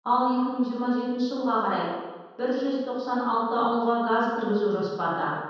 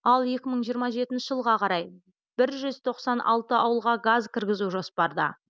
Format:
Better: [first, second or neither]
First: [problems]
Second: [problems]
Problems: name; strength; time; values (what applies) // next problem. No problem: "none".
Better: second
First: room echo; dies away in 1.2 s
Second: none